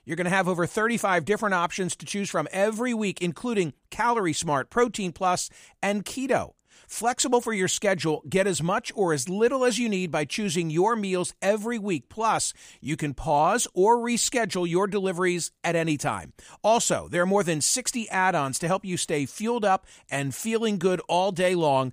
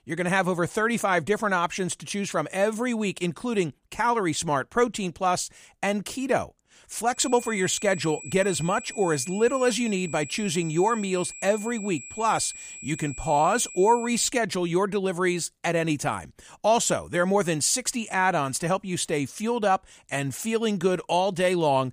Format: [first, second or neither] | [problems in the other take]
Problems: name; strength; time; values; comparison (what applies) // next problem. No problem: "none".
first | high-pitched whine; noticeable; from 7 to 14 s; 7.5 kHz, 15 dB below the speech